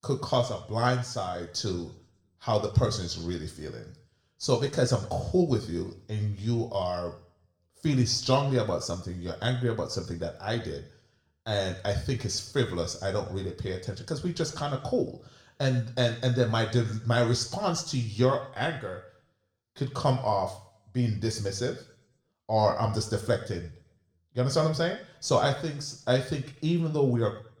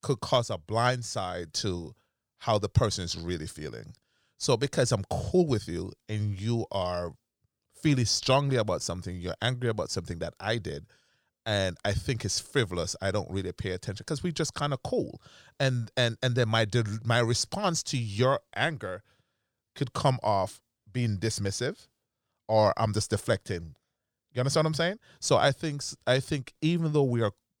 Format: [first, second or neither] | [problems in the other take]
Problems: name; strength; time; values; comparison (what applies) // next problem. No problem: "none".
second | room echo; very slight; dies away in 0.5 s